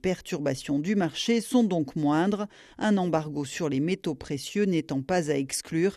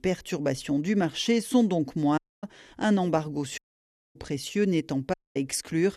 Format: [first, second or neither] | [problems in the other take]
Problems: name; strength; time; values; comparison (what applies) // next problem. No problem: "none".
first | audio cutting out; at 2 s, at 3.5 s for 0.5 s and at 5 s